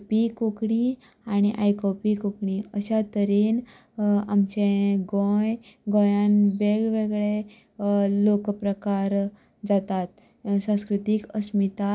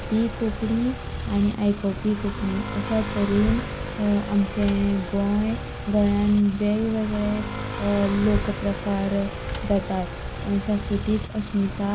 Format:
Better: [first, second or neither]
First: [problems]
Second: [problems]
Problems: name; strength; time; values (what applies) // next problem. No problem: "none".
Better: first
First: none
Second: background sound (Motorcycle / Accelerating, revving, vroom); 6 dB below the speech